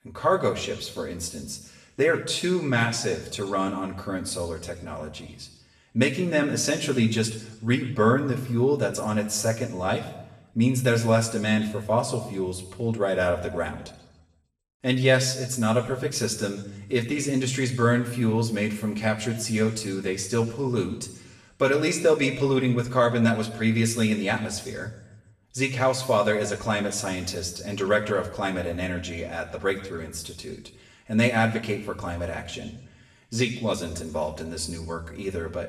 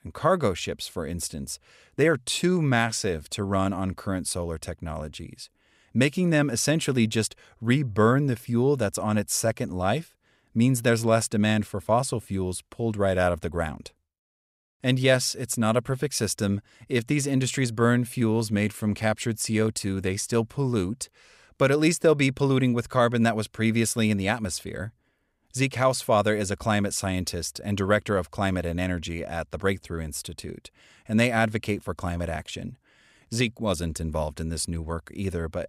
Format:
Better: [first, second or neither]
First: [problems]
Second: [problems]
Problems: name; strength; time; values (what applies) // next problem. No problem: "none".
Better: second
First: room echo; slight; dies away in 0.8 s // off-mic speech; far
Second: none